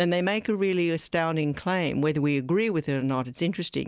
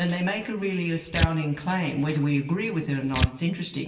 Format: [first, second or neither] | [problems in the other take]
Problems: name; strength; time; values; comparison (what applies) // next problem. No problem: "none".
first | background sound (Tearing); 6 dB below the speech // room echo; dies away in 0.9 s